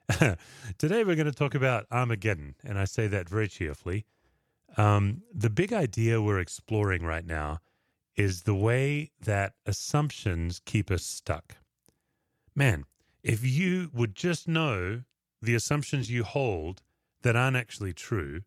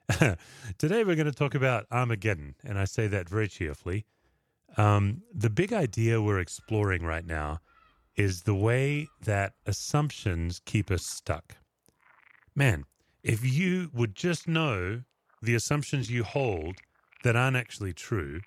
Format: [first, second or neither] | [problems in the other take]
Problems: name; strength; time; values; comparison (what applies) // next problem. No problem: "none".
first | animal sounds; faint; from 5.5 s on; 25 dB below the speech